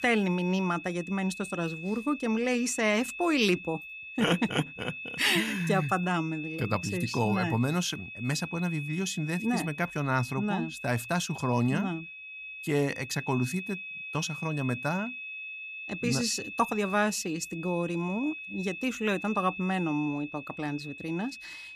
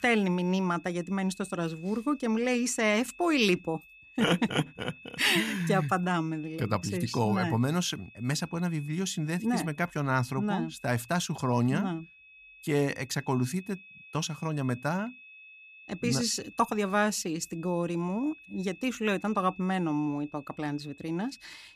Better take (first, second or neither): second